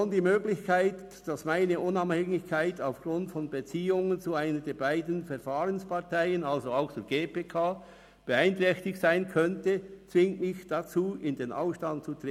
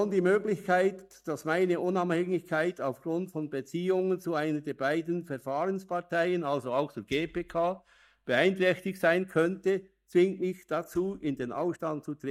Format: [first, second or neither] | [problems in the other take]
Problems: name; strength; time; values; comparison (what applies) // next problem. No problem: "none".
first | noise reduction (neural mask model DeepFilterNet 3)